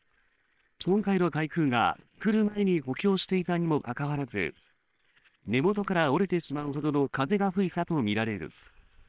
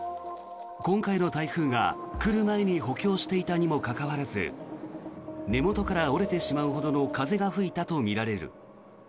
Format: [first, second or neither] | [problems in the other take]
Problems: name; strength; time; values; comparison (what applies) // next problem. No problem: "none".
second | noise reduction (neural separator model SepFormer WHAM!)